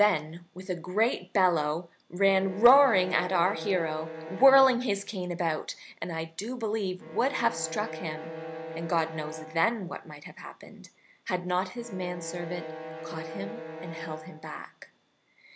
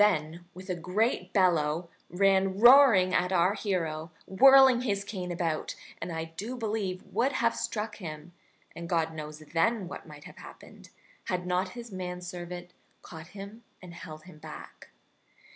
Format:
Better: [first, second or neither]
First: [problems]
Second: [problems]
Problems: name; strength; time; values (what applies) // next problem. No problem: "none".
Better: second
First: background sound (Bowed string instrument); 13 dB below the speech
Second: none